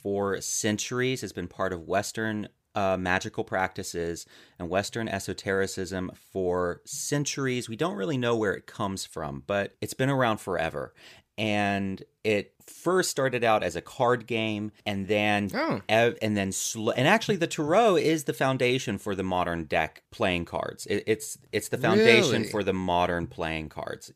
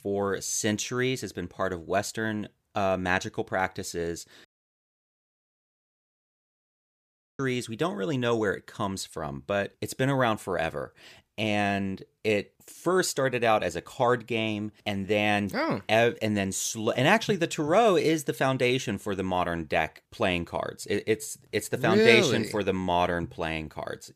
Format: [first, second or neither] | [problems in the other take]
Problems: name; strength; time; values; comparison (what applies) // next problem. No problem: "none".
first | audio cutting out; at 4.5 s for 3 s